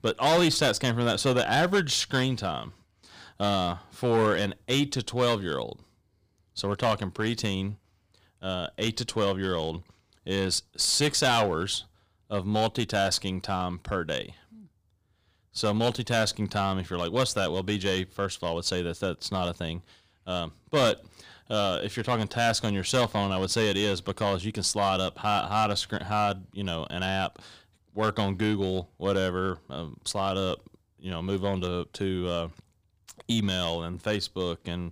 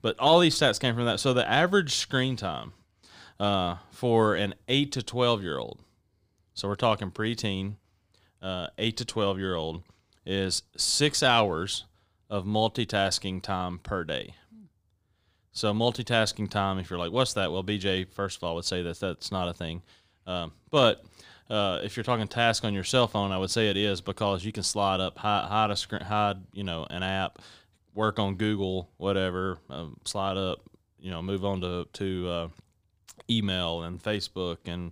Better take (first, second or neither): second